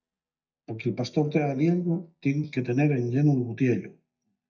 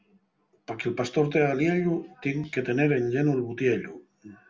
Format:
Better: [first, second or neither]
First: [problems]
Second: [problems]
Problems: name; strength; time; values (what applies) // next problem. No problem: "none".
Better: second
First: noise reduction (neural mask model DeepFilterNet 3)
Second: none